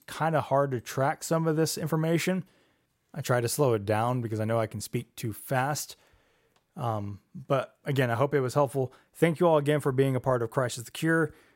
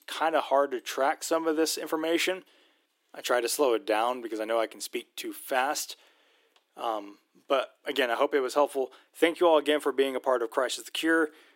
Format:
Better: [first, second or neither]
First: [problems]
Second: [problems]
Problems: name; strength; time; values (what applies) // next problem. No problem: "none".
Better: first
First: none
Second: thin; somewhat; fading below 300 Hz